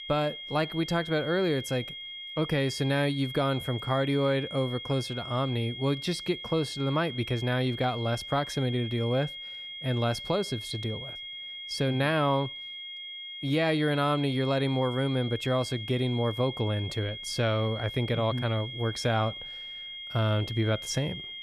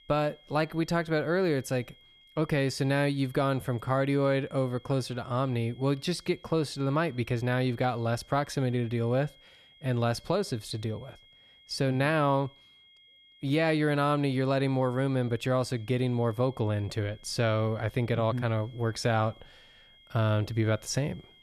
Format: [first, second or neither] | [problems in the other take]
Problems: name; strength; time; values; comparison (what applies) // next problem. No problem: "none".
second | high-pitched whine; loud; throughout; 3.5 kHz, 8 dB below the speech; faint in the second